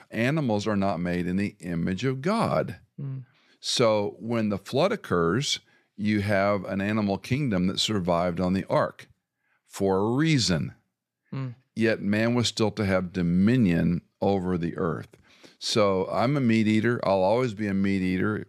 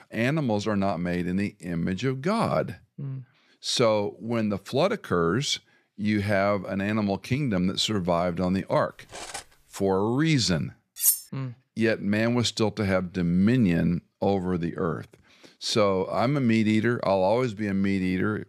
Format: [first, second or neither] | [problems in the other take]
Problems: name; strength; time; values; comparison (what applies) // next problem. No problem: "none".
first | clattering dishes; faint; at 9 s; peak 10 dB below the speech // clattering dishes; loud; at 11 s; peak 4 dB above the speech